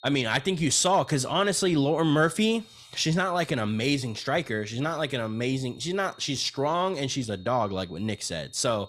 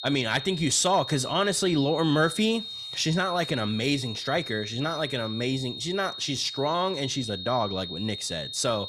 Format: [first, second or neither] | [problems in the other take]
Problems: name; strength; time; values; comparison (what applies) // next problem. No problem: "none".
first | high-pitched whine; loud; throughout; 3.5 kHz, 8 dB below the speech; faint in the first